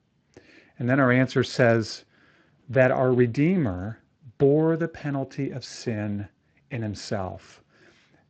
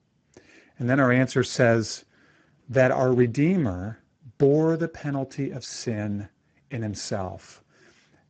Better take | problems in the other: first | garbled, watery; badly; nothing above 8 kHz; slightly in the first

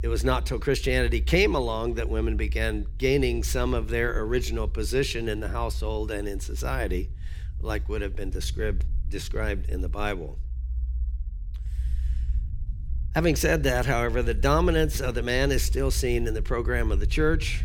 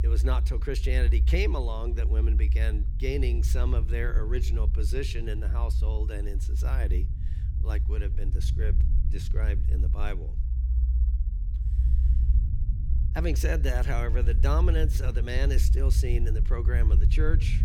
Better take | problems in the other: first | low rumble; loud; throughout; 10 dB below the speech; faint in the first

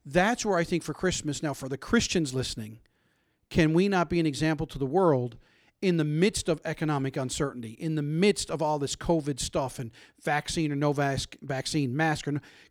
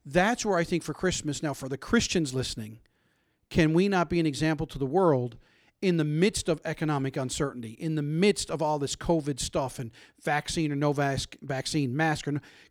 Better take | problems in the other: neither | none

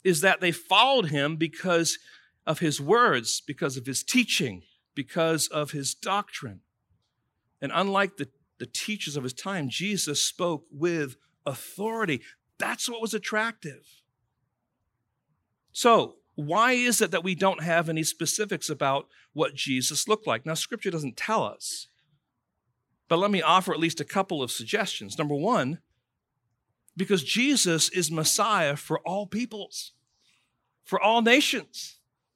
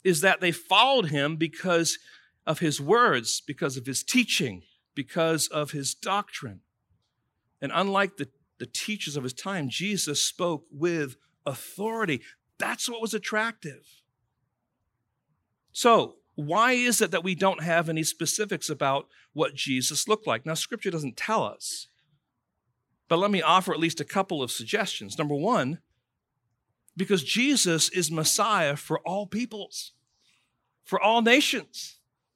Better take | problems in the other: neither | none

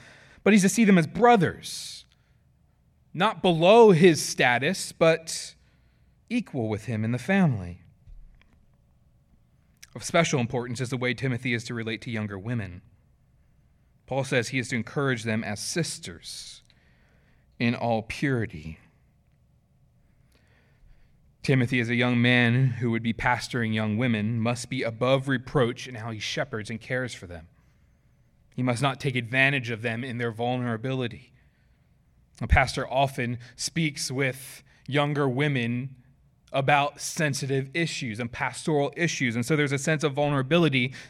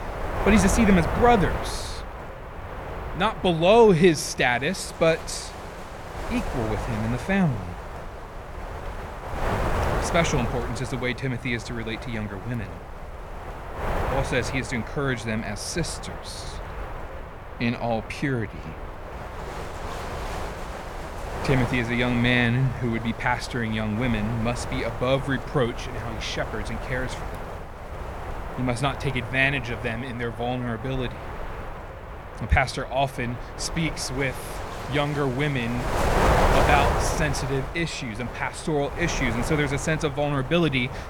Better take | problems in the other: first | wind noise on the microphone; heavy; 6 dB below the speech

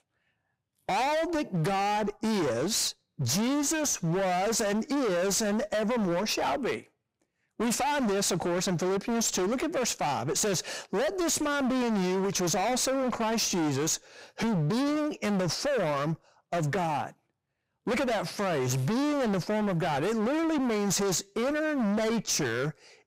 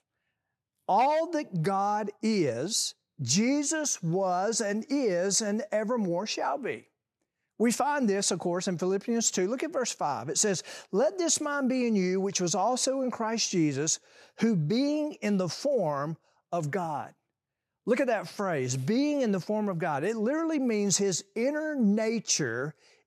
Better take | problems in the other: second | distortion; heavy; 39% of the sound clipped

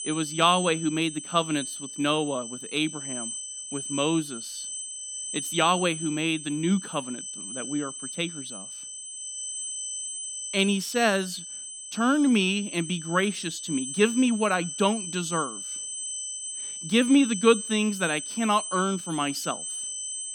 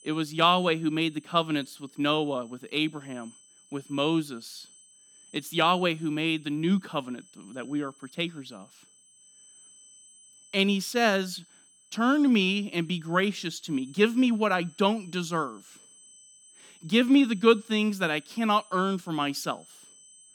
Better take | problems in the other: second | high-pitched whine; loud; throughout; 8 kHz, 8 dB below the speech; faint in the second

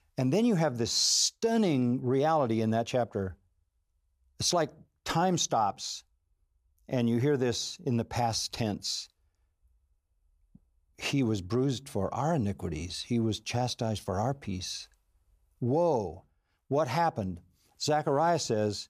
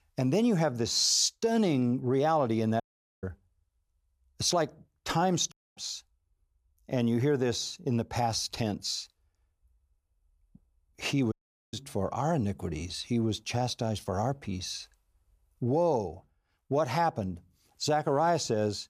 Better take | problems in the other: first | audio cutting out; at 3 s, at 5.5 s and at 11 s

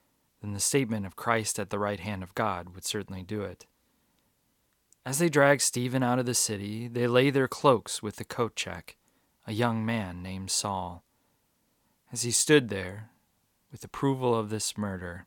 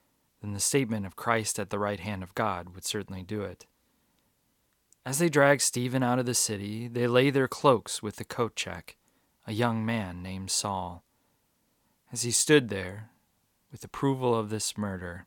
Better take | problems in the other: neither | none

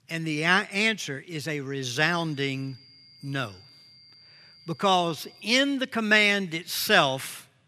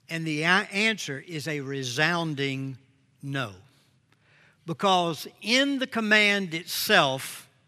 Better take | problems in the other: second | high-pitched whine; faint; from 2 to 5.5 s; 4.5 kHz, 25 dB below the speech

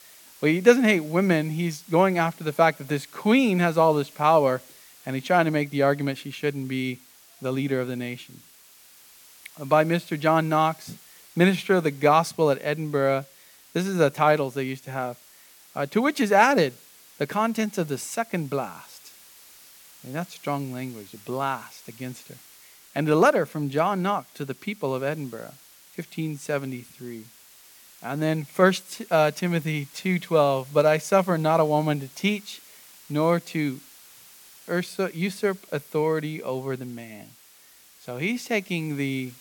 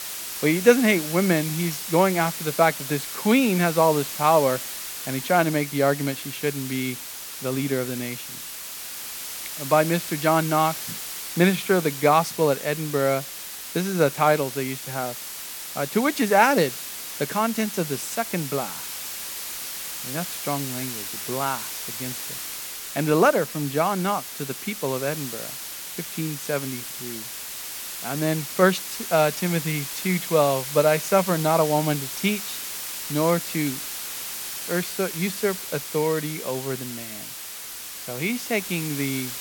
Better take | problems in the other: first | hiss; loud; throughout; 7 dB below the speech; faint in the first

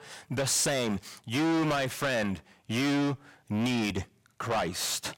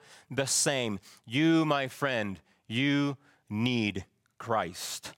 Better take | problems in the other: second | distortion; heavy; 5 dB below the speech

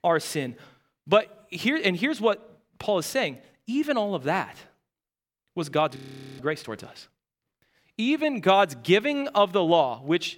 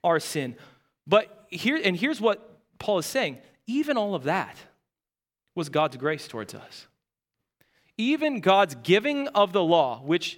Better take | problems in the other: second | audio freezing; at 6 s

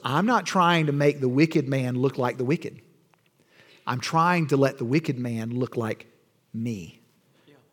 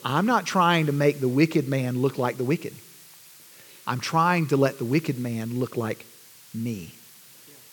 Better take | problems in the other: first | hiss; faint; throughout; 20 dB below the speech

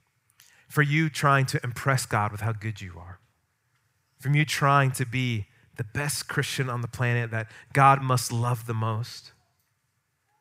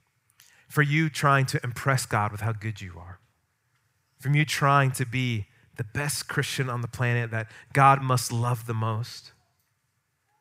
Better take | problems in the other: neither | none

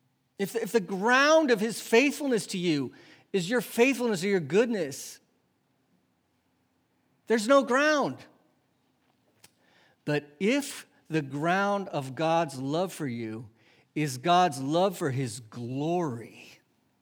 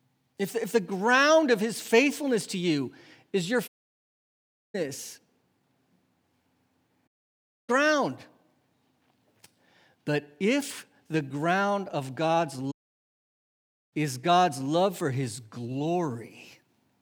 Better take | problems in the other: first | audio cutting out; at 3.5 s for 1 s, at 7 s for 0.5 s and at 13 s for 1 s

